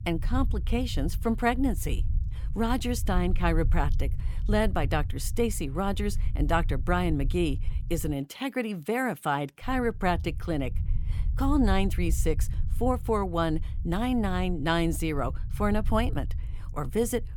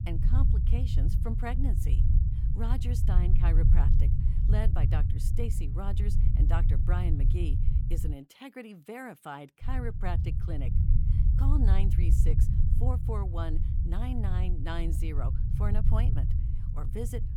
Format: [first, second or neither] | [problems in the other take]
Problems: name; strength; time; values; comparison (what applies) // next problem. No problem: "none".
first | low rumble; loud; until 8 s and from 9.5 s on; 3 dB below the speech; faint in the first